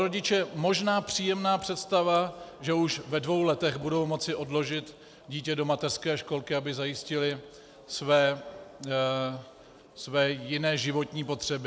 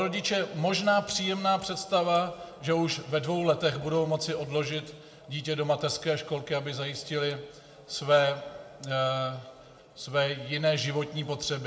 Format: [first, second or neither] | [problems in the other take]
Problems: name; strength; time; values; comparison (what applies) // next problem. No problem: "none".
first | room echo; dies away in 1.2 s